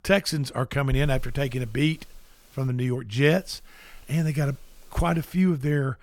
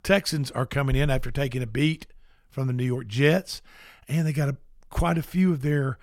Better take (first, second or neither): second